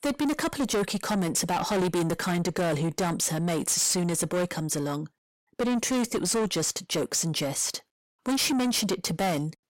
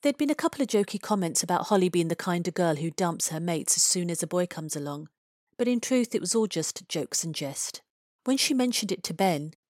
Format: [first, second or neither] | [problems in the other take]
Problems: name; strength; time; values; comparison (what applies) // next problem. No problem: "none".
second | distortion; heavy; 5 dB below the speech